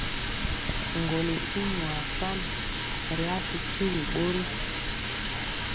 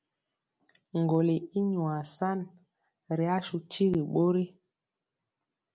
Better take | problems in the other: second | background sound (Water tap, faucet); 2 dB above the speech

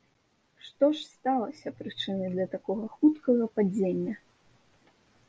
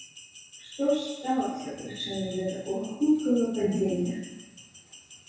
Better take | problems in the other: first | background sound (Bell); 19 dB below the speech // room echo; dies away in 1.1 s

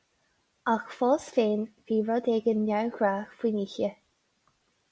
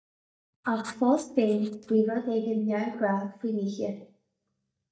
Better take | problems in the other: first | noise reduction (neural mask model DeepFilterNet 3)

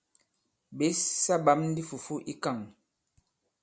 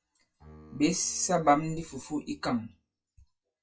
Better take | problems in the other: first | noise reduction (classical method WPE with log-MMSE)

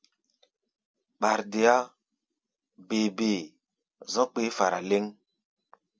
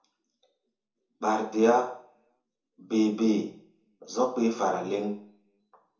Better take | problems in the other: first | room echo; dies away in 0.6 s

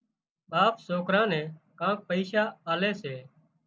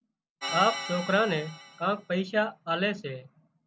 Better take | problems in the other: first | background sound (Organ); 9 dB below the speech

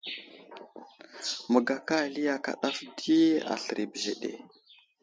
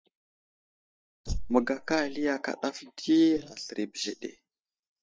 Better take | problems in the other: first | noise reduction (neural mask model DeepFilterNet 3)

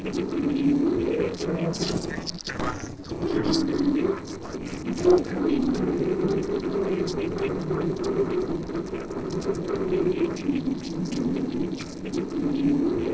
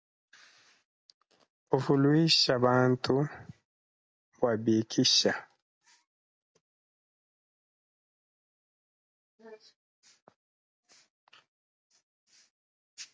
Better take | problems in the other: second | noise reduction (neural separator model SepFormer DNS4)

